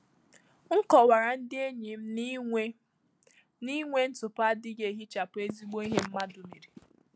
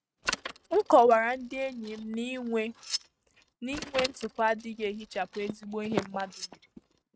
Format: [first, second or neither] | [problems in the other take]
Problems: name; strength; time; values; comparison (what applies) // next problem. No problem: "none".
first | noise reduction (neural mask model RNNoise)